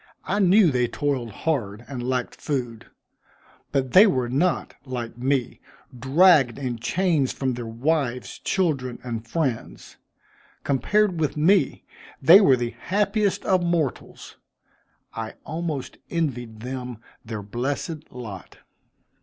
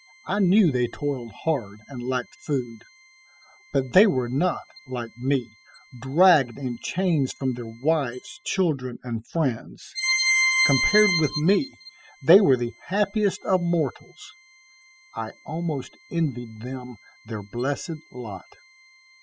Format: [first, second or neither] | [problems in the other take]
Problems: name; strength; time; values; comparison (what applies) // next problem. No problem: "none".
first | noise reduction (classical method spectral subtraction)